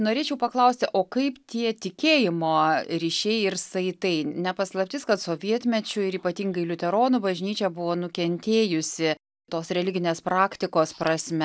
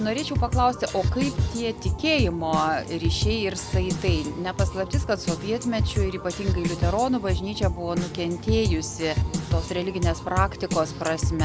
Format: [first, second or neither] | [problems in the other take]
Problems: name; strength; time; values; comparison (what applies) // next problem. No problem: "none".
first | background sound (Drum kit); as loud as the speech